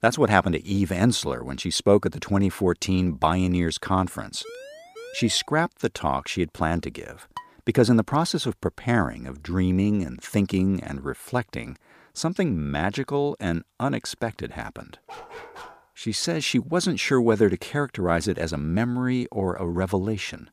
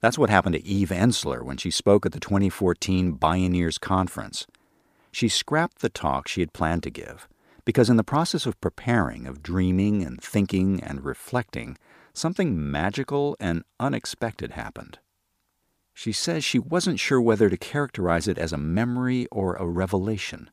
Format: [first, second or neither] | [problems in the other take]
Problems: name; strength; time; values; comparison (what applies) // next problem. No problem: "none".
second | siren; faint; from 4.5 to 5.5 s; peak 15 dB below the speech // clattering dishes; faint; at 7.5 s; peak 15 dB below the speech // dog barking; faint; at 15 s; peak 15 dB below the speech